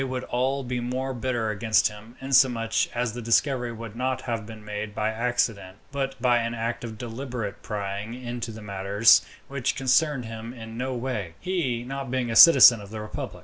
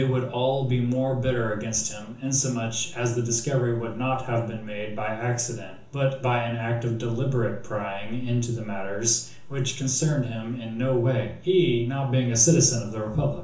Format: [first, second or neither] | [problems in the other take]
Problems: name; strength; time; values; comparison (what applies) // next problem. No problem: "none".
first | room echo; dies away in 0.7 s